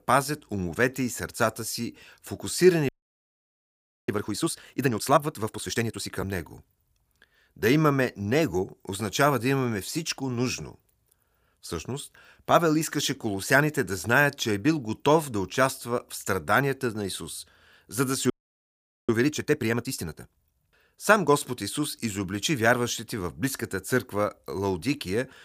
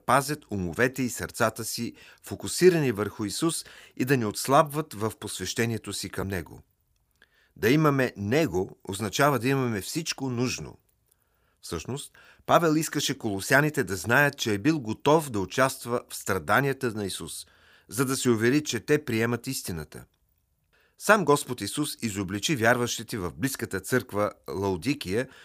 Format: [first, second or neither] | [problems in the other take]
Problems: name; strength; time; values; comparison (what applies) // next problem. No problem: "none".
second | audio freezing; at 3 s for 1 s and at 18 s for 1 s